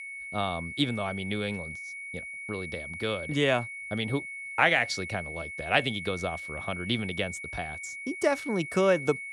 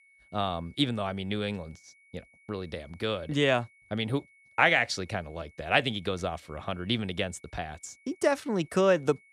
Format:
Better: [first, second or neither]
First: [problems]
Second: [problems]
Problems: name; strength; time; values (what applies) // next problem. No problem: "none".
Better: second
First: high-pitched whine; loud; throughout; 2 kHz, 8 dB below the speech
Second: high-pitched whine; faint; throughout; 2 kHz, 30 dB below the speech